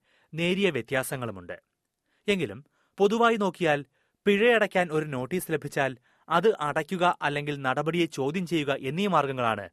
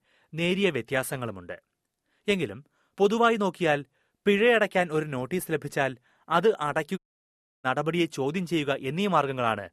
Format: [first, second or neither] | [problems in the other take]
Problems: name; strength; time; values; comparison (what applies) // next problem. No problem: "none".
first | audio cutting out; at 7 s for 0.5 s